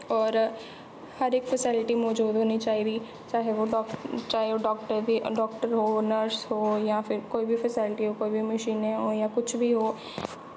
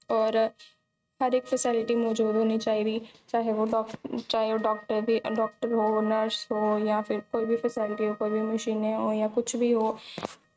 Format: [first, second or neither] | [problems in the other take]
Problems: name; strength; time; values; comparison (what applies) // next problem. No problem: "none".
first | noise reduction (neural mask model RNNoise)